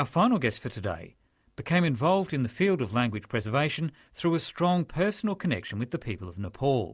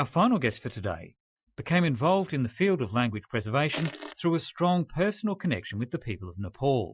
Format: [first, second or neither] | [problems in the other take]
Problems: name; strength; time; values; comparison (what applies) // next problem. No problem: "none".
first | noise reduction (classical method Wiener filter)